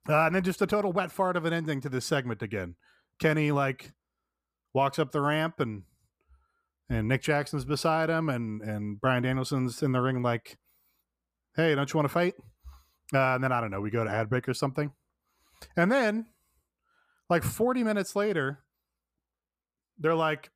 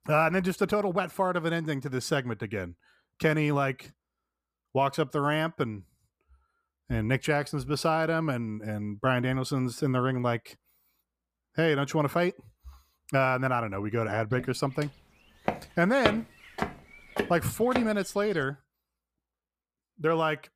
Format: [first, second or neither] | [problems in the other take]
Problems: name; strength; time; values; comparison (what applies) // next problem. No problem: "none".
first | footsteps; noticeable; from 14 to 18 s; peak 1 dB below the speech